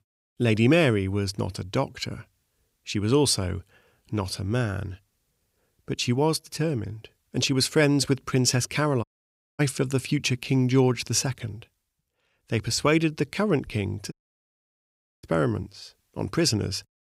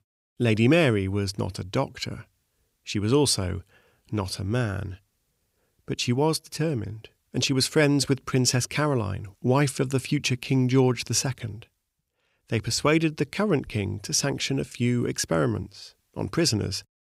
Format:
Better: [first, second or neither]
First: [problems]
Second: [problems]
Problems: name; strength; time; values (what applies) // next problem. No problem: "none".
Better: second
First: audio cutting out; at 9 s for 0.5 s and at 14 s for 1 s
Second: none